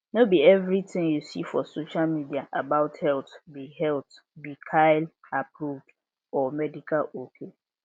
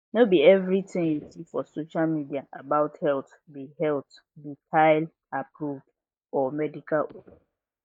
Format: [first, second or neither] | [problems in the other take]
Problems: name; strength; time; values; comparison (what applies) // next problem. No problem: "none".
first | noise reduction (neural mask model DeepFilterNet 3)